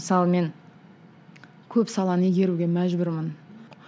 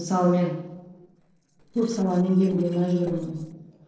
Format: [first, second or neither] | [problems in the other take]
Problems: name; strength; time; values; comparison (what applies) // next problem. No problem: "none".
first | noise reduction (neural separator model SepFormer DNS4)